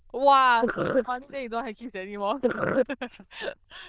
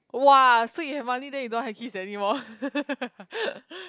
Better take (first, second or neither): second